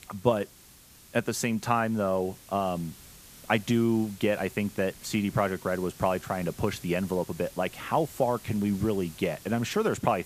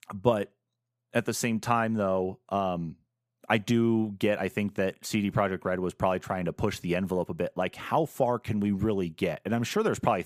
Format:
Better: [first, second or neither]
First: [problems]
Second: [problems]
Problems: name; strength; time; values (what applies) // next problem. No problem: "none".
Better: second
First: hiss; noticeable; throughout; 20 dB below the speech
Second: none